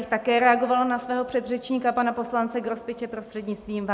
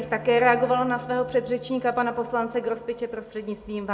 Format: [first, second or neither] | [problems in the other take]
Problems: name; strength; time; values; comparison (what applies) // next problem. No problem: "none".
first | background sound (Bowed string instrument); 19 dB below the speech // room echo; dies away in 0.3 s